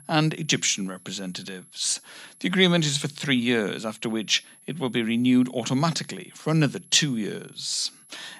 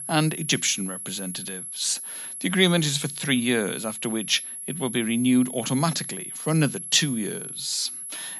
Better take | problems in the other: first | high-pitched whine; loud; throughout; 11 kHz, 8 dB below the speech; faint in the first

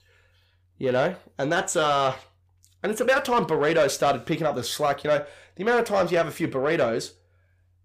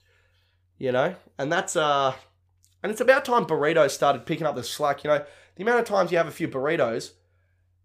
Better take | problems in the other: second | distortion; slight; 10 dB below the speech

